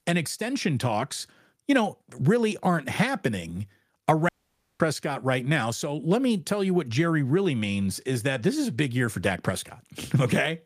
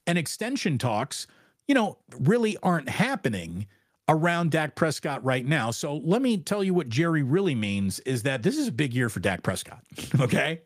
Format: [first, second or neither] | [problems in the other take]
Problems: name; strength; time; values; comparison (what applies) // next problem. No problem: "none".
second | audio cutting out; at 4.5 s for 0.5 s